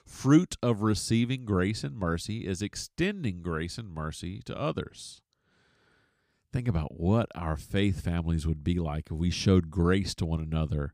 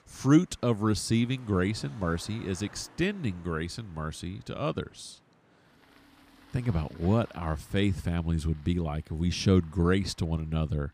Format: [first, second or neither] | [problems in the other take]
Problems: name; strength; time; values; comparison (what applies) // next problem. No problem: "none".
first | traffic noise; faint; throughout; 25 dB below the speech